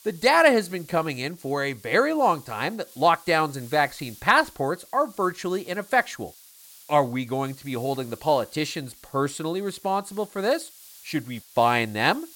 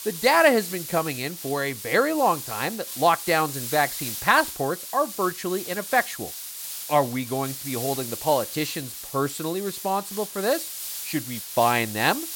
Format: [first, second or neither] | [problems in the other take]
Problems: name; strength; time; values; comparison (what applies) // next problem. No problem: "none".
first | hiss; loud; throughout; 8 dB below the speech; faint in the first